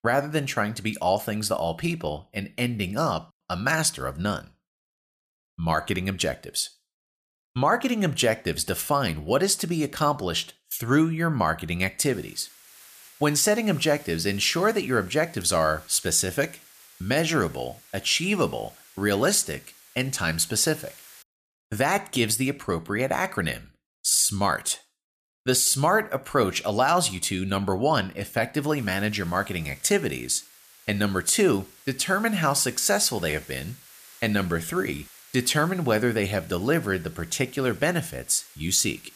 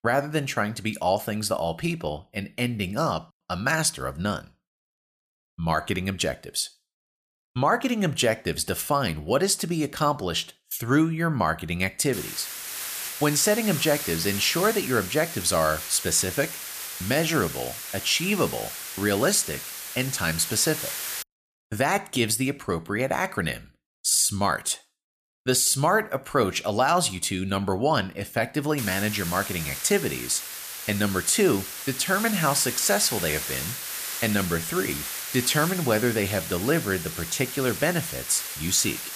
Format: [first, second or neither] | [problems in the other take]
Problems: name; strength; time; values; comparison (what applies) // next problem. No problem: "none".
first | hiss; loud; from 12 to 21 s and from 29 s on; 7 dB below the speech; faint in the first